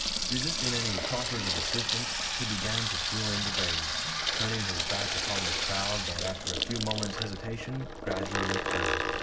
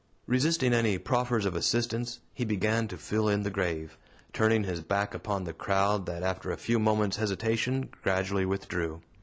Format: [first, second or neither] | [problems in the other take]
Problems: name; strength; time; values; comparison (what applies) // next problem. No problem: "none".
second | background sound (Sink (filling or washing) / Water tap, faucet); 5 dB above the speech // room echo; dies away in 0.4 s